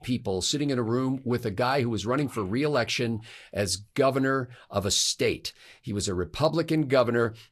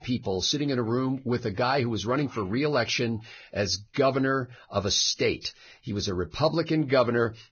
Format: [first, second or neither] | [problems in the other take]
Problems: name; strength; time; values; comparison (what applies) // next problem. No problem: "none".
first | garbled, watery; badly; nothing above 6.5 kHz; slightly in the first